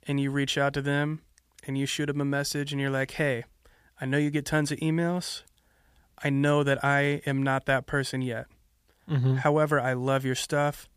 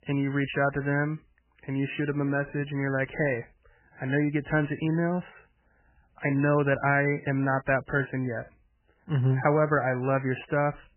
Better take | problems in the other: first | garbled, watery; badly; nothing above 3 kHz

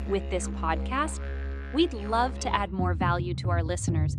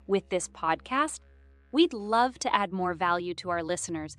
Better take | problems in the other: second | background music; loud; throughout; 3 dB below the speech; faint in the second

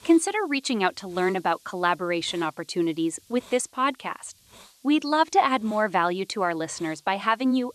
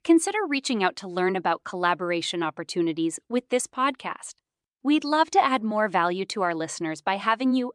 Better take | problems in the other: second | hiss; faint; throughout; 25 dB below the speech

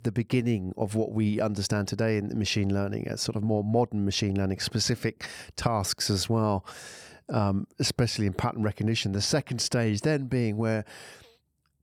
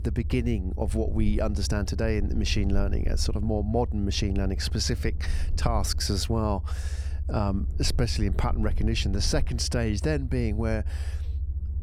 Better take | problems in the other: first | low rumble; noticeable; throughout; 20 dB below the speech

